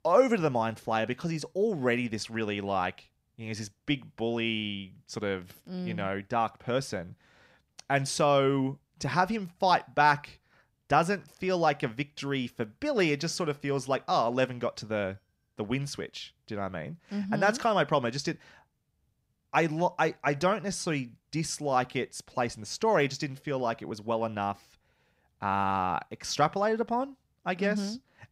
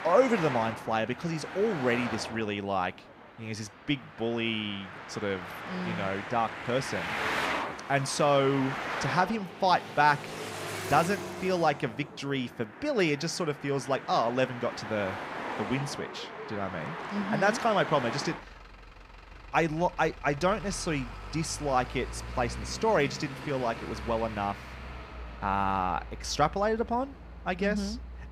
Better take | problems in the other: first | traffic noise; loud; throughout; 8 dB below the speech

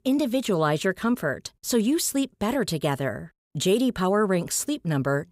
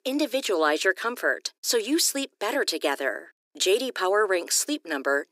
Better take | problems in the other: first | thin; somewhat; fading below 300 Hz

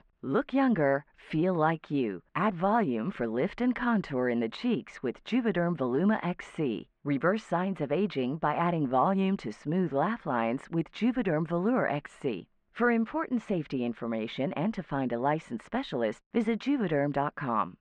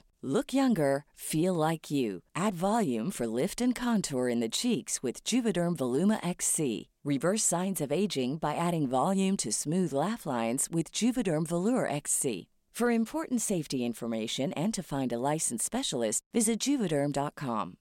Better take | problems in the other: second | muffled; very; fading above 2.5 kHz

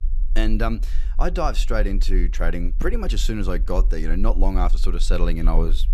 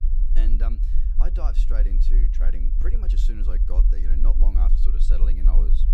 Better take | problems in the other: first | low rumble; loud; throughout; 5 dB below the speech; faint in the first

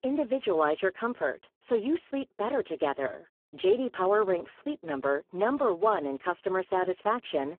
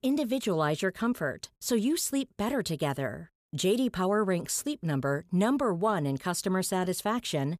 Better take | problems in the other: second | phone-call audio; poor line

